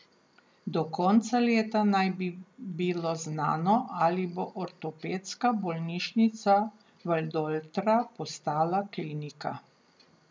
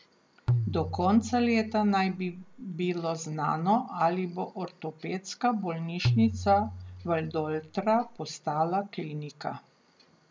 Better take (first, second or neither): first